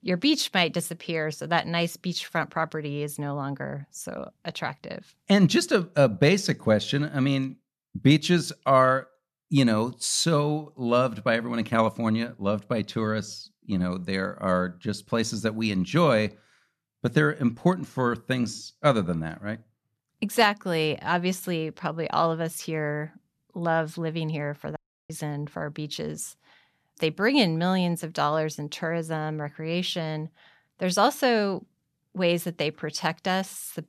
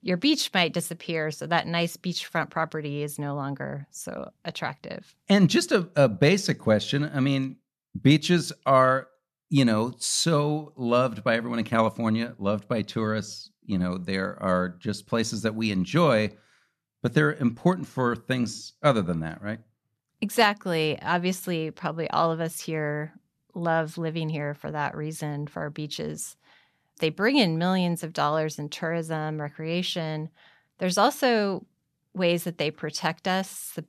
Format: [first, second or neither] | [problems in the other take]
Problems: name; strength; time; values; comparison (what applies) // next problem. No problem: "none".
second | audio cutting out; at 25 s